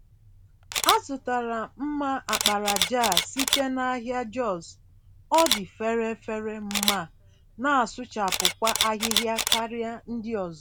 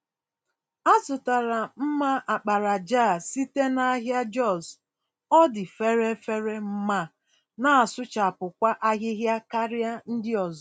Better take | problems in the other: second | background sound (Camera); 3 dB below the speech

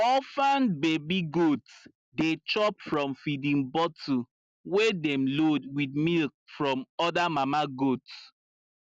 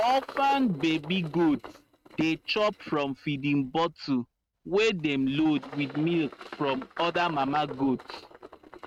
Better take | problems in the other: first | noise reduction (neural mask model RNNoise)

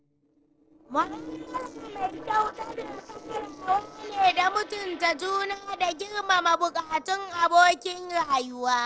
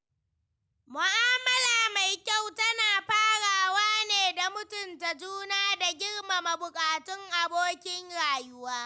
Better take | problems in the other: second | noise reduction (neural separator model SepFormer DNS4)

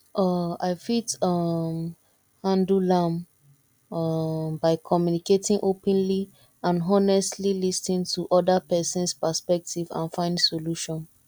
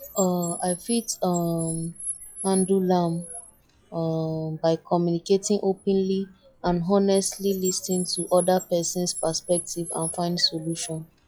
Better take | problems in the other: first | noise reduction (classical method log-MMSE)

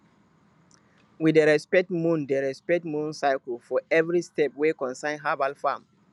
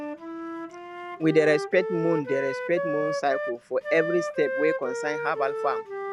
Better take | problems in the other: first | background sound (Wind instrument, woodwind instrument); 4 dB below the speech

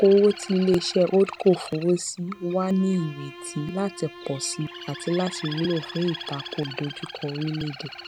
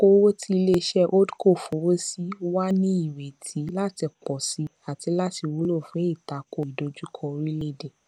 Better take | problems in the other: second | background sound (Bowed string instrument + Bird); 15 dB below the speech

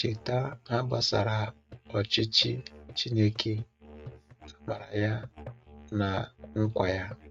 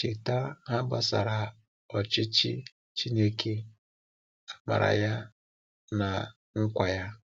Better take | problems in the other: second | noise reduction (neural mask model RNNoise)

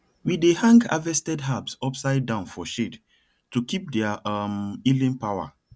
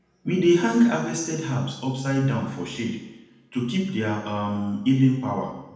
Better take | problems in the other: first | room echo; dies away in 0.9 s

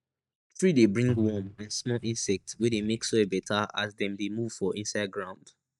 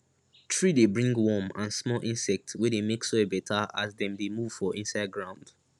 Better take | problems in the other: second | noise reduction (neural mask model DeepFilterNet 3)

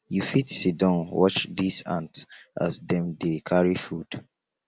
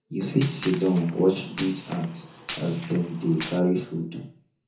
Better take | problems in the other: first | background sound (Gunshot, gunfire); 14 dB below the speech // room echo; dies away in 0.6 s

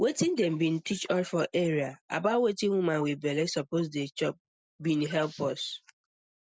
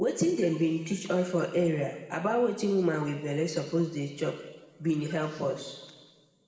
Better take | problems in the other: first | room echo; dies away in 1.3 s

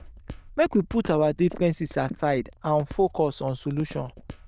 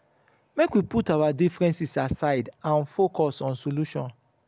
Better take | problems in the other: second | noise reduction (neural diffusion model UNIVERSE++)

